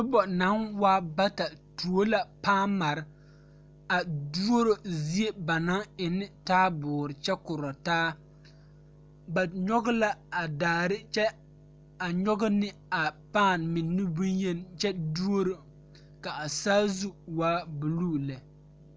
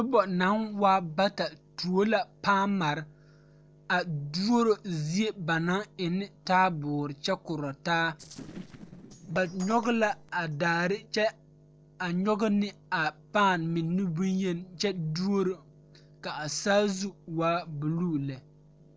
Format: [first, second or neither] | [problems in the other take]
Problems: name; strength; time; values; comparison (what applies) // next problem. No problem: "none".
first | noise reduction (neural separator model SepFormer DNS4)